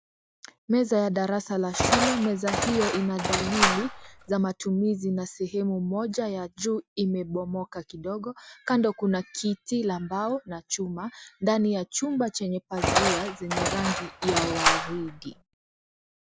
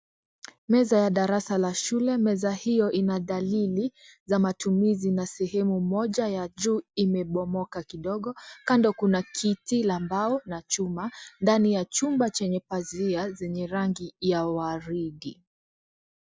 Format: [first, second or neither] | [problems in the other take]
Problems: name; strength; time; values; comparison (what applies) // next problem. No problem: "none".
second | background sound (Engine); 1 dB above the speech